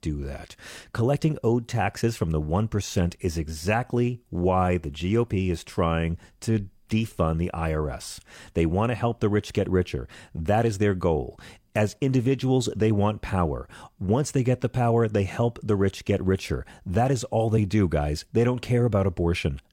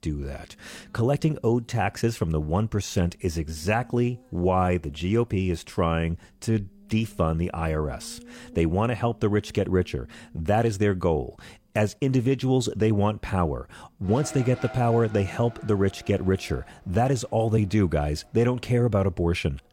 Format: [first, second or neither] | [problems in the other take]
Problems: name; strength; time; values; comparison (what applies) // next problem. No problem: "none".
first | traffic noise; faint; throughout; 20 dB below the speech